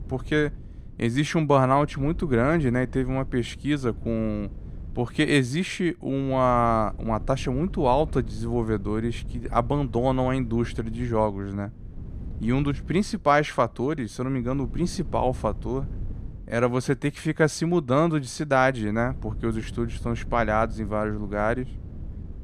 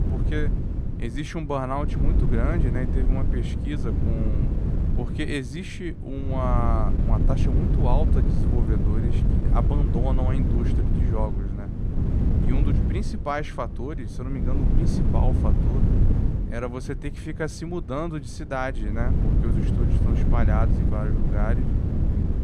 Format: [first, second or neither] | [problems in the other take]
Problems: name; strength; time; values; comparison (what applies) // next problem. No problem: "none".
first | wind noise on the microphone; heavy; 3 dB below the speech; occasional gusts in the first